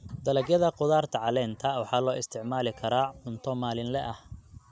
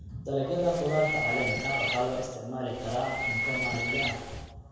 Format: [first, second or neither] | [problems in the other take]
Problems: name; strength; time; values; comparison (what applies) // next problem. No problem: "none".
first | background sound (Bird); 2 dB below the speech // room echo; dies away in 1.2 s